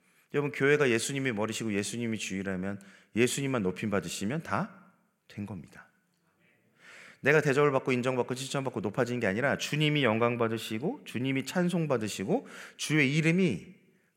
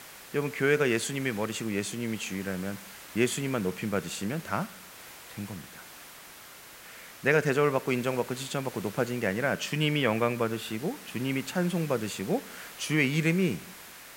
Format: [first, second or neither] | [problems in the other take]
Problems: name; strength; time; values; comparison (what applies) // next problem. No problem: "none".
first | hiss; noticeable; throughout; 15 dB below the speech